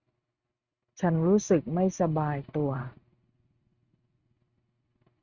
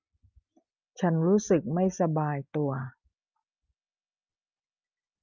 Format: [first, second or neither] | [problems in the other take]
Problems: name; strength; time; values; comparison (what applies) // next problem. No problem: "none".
second | noise reduction (neural mask model RNNoise)